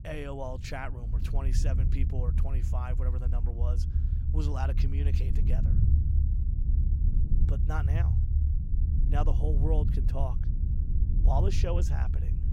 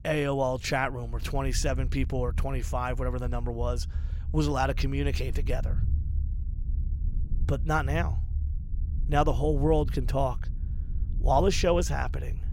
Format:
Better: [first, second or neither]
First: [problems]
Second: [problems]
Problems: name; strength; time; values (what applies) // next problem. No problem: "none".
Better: second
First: low rumble; loud; throughout; 5 dB below the speech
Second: low rumble; faint; throughout; 20 dB below the speech